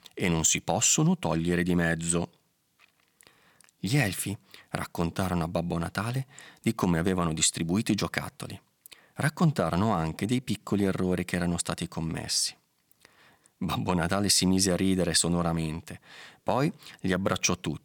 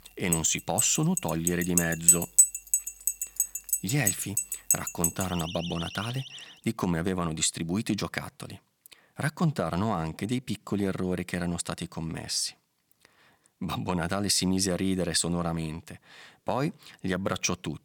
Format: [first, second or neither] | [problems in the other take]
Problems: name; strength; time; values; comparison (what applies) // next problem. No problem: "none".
first | alarms or sirens; very loud; until 6.5 s; 4 dB above the speech